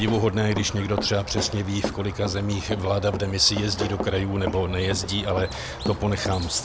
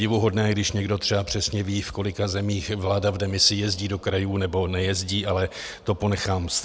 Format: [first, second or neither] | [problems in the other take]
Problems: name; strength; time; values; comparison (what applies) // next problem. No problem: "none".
second | background sound (Squeak + Run); 8 dB below the speech